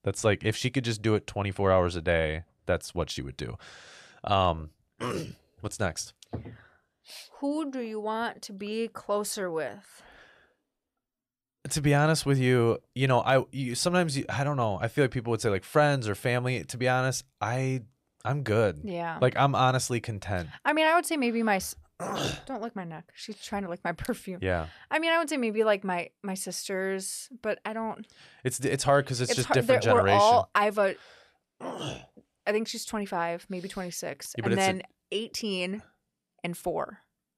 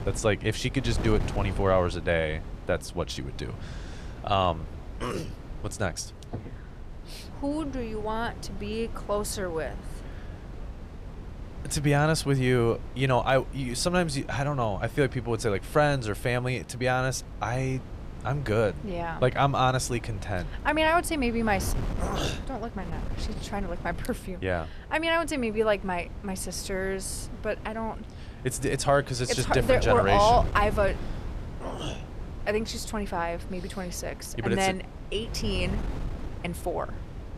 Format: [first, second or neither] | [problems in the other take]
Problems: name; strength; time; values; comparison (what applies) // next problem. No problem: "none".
first | wind noise on the microphone; occasional gusts; 20 dB below the speech